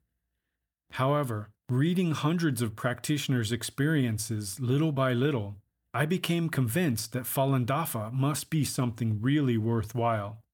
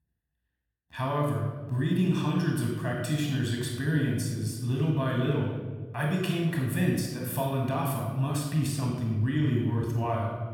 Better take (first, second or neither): first